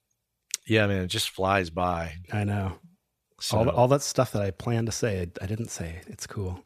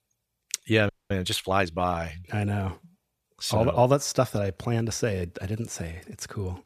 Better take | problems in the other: first | audio freezing; at 1 s

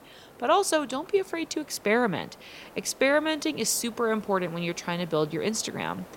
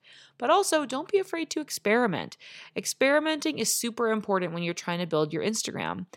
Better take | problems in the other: second | hiss; faint; throughout; 20 dB below the speech

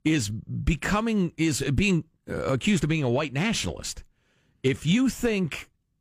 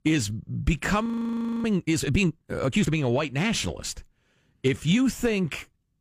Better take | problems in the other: first | audio freezing; at 1 s for 0.5 s

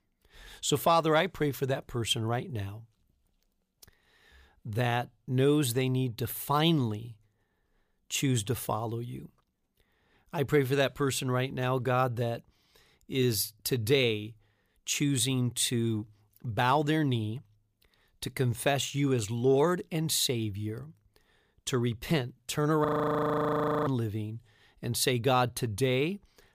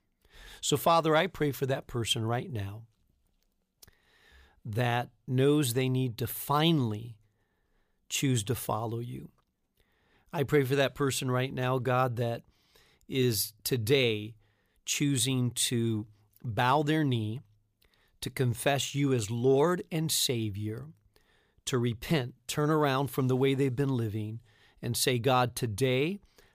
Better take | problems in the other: second | audio freezing; at 23 s for 1 s

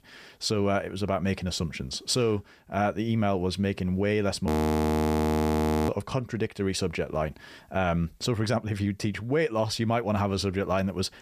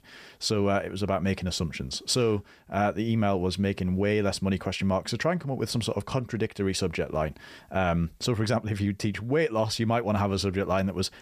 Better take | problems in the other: second | audio freezing; at 4.5 s for 1.5 s

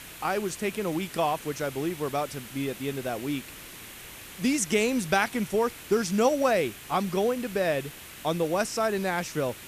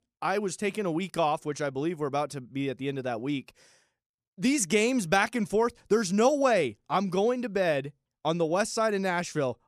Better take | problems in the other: second | hiss; noticeable; throughout; 15 dB below the speech

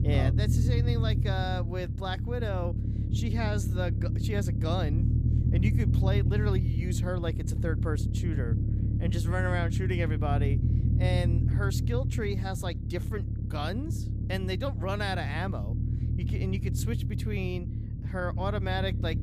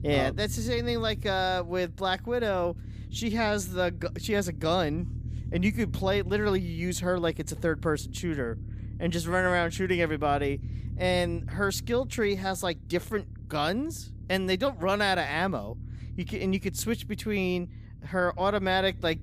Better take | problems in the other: second | low rumble; loud; throughout; 6 dB below the speech; faint in the second

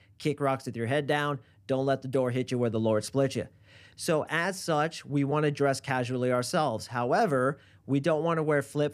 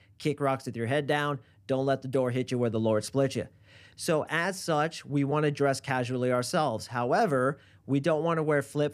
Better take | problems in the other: neither | none

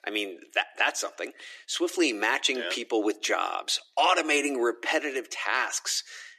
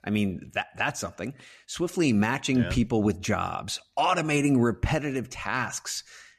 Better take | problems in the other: second | thin; very; fading below 300 Hz

